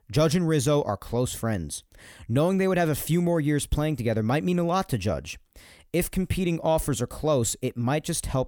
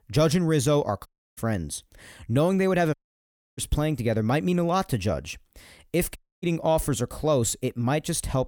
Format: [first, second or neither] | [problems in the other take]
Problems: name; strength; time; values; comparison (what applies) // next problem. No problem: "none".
first | audio cutting out; at 1 s, at 3 s for 0.5 s and at 6 s